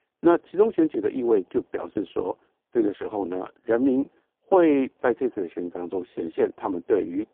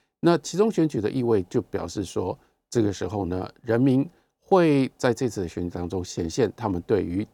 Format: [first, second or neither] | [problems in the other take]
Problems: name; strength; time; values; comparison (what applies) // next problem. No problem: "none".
second | phone-call audio; poor line